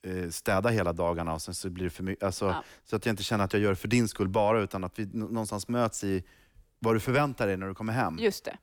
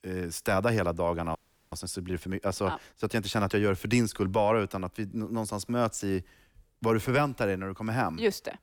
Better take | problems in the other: first | audio freezing; at 1.5 s

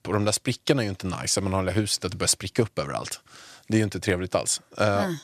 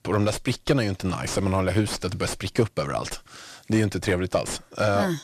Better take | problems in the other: first | distortion; heavy; 5 dB below the speech

